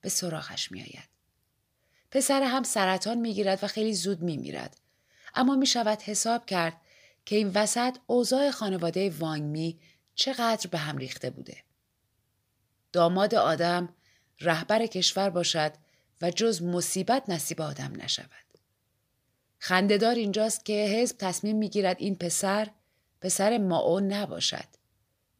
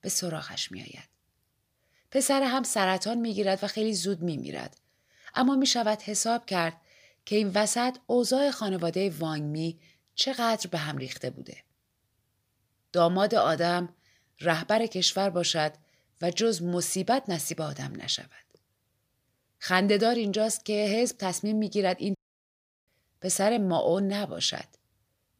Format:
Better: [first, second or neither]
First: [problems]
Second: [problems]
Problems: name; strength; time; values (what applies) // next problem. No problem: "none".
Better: first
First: none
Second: audio cutting out; at 22 s for 0.5 s